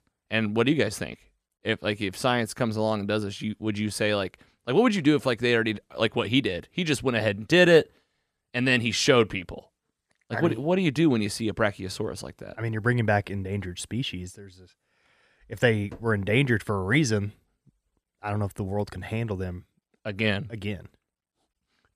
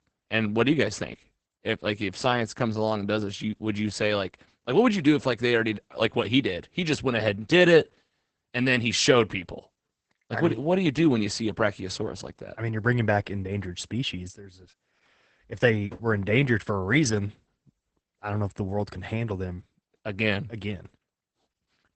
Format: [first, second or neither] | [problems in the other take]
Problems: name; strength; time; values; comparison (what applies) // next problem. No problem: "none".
first | garbled, watery; badly; nothing above 8 kHz